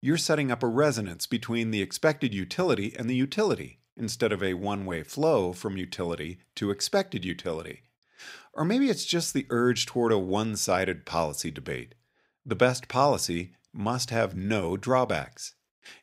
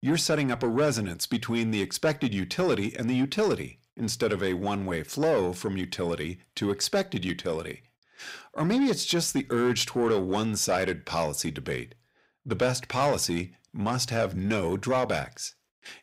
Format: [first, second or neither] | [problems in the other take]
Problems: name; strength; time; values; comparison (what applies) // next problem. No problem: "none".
first | distortion; slight; 10 dB below the speech